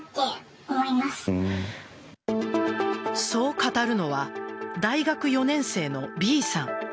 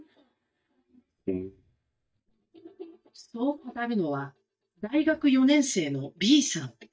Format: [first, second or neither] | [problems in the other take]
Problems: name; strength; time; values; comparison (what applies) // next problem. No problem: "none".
first | noise reduction (neural mask model DeepFilterNet 3)